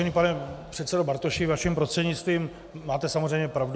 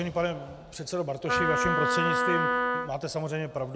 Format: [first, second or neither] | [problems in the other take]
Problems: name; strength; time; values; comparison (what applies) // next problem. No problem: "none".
first | background sound (Wind instrument, woodwind instrument); 4 dB above the speech